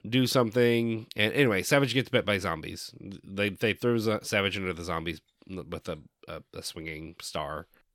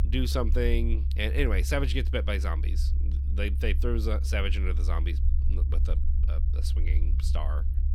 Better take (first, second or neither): first